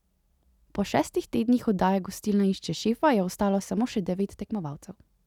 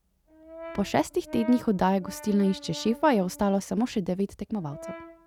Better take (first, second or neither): first